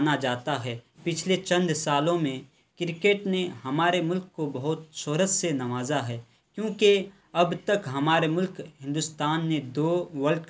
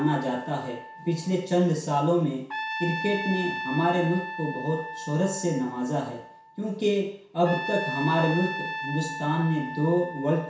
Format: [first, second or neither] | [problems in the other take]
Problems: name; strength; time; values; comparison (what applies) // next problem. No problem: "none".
first | background sound (Trumpet); 9 dB below the speech // room echo; dies away in 0.6 s